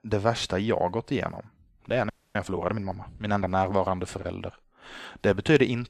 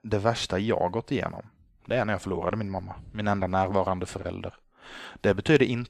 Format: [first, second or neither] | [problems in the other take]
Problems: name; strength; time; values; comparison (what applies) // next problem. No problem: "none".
second | audio freezing; at 2 s